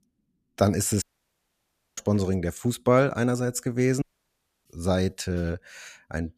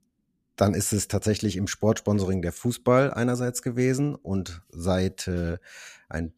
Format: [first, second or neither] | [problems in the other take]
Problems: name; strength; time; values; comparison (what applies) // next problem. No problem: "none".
second | audio cutting out; at 1 s for 1 s and at 4 s for 0.5 s